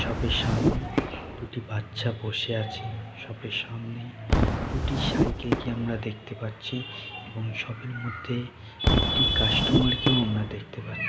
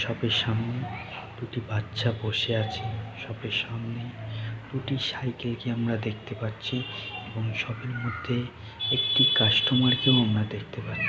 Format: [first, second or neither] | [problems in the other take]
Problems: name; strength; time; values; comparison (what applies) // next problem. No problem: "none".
second | background sound (Whoosh, swoosh, swish / Fireworks); as loud as the speech